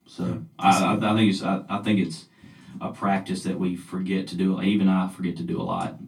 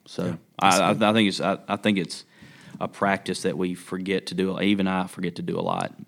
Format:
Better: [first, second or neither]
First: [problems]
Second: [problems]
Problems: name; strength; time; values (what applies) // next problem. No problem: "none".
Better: second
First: off-mic speech; far // room echo; very slight; dies away in 0.2 s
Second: none